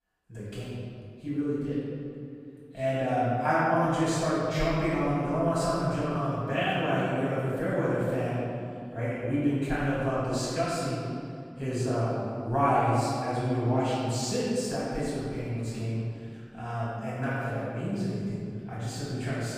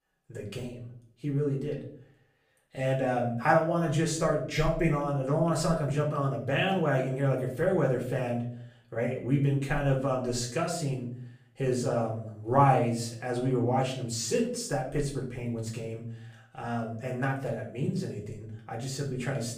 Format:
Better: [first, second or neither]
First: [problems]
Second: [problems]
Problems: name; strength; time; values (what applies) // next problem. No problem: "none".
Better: second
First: room echo; strong; dies away in 2.1 s // off-mic speech; far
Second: room echo; slight; dies away in 0.5 s // off-mic speech; far